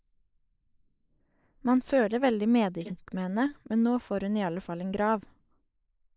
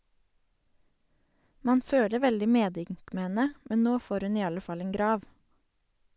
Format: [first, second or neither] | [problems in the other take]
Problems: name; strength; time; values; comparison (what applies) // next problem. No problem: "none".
second | noise reduction (neural mask model Resemble Enhance denoiser)